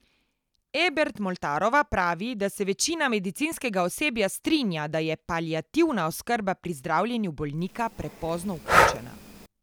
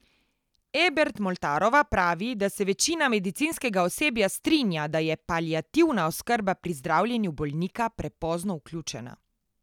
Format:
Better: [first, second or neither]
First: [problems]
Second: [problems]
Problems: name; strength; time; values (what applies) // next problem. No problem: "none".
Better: second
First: background sound (Breathing); 1 dB above the speech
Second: none